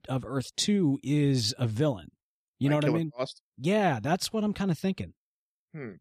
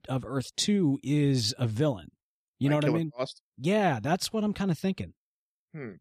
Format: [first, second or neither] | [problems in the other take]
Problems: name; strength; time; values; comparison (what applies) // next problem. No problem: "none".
neither | none